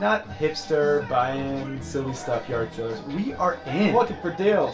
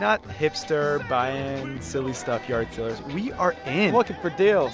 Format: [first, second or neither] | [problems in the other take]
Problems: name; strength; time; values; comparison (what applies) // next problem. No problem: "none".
second | room echo; dies away in 0.3 s